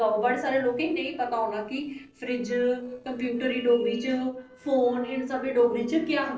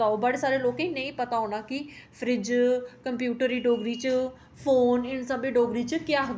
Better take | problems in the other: second | noise reduction (neural separator model SepFormer DNS4)

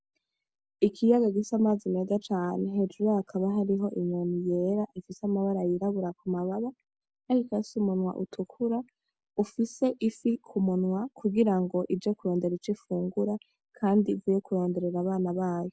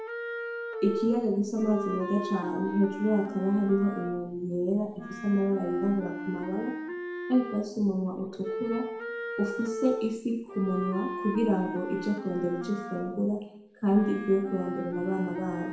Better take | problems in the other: first | background sound (Wind instrument, woodwind instrument); 8 dB below the speech // room echo; dies away in 0.7 s

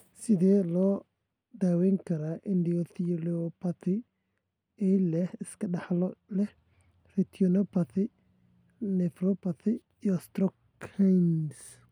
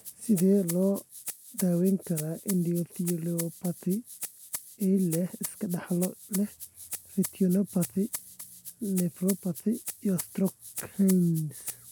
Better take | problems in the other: first | background sound (Rattle (instrument)); 12 dB below the speech

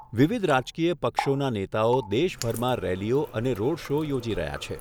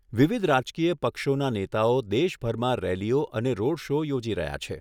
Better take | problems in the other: second | background sound (Water tap, faucet); 14 dB below the speech

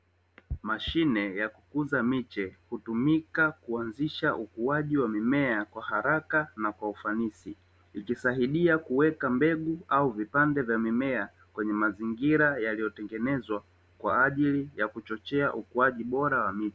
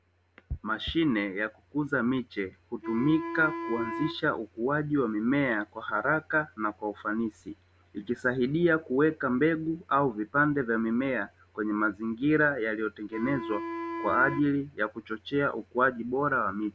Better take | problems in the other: first | background sound (Wind instrument, woodwind instrument); 9 dB below the speech

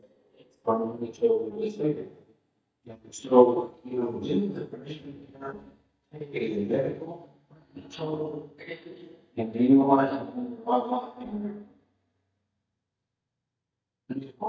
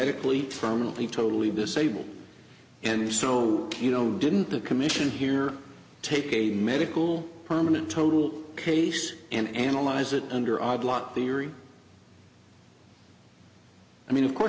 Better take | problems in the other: second | noise reduction (neural mask model DeepFilterNet 3)

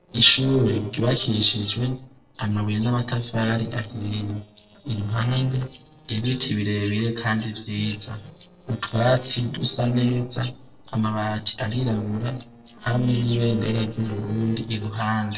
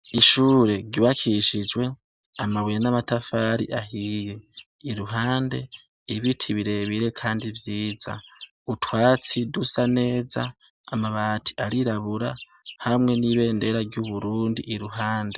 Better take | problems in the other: second | noise reduction (neural separator model SepFormer DNS4)

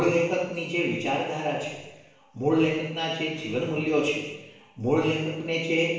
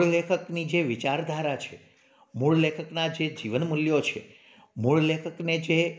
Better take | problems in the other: second | room echo; dies away in 0.9 s

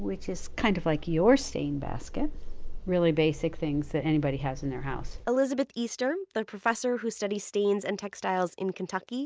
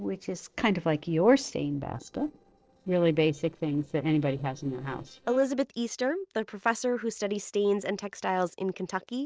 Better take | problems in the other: first | noise reduction (neural separator model SepFormer DNS4)

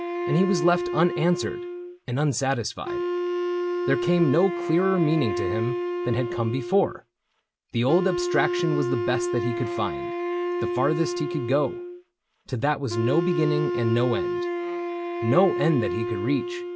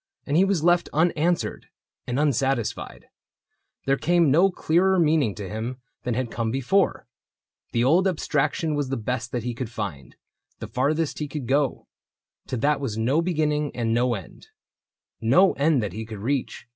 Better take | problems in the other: second | background sound (Wind instrument, woodwind instrument); 2 dB below the speech

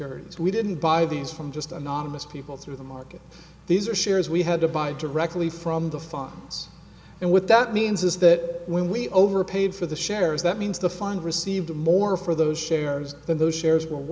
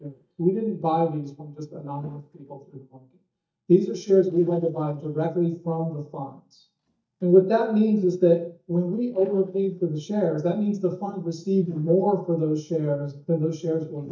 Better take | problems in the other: first | noise reduction (neural mask model DeepFilterNet 3)

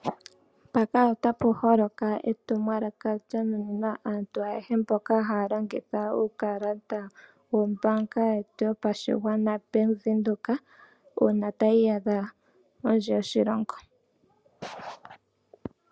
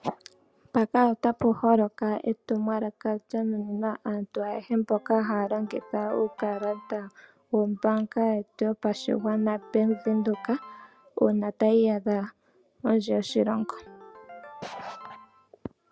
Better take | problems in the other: first | background sound (Ringtone); 19 dB below the speech

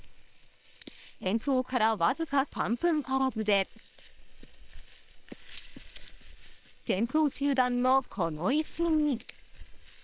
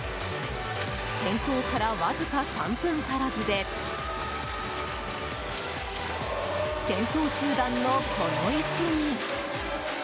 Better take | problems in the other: second | noise reduction (neural separator model SepFormer WHAM!)

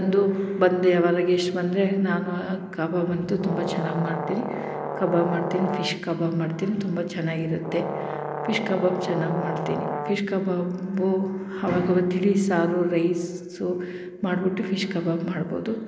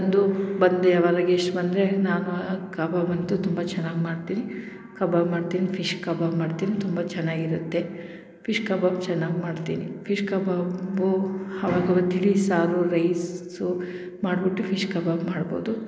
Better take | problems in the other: second | background sound (Brass instrument); 7 dB below the speech

